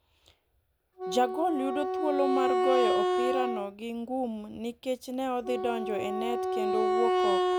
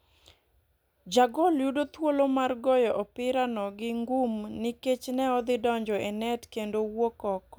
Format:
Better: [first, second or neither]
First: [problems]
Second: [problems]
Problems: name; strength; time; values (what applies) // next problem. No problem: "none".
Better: second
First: background sound (Wind instrument, woodwind instrument); 2 dB above the speech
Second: none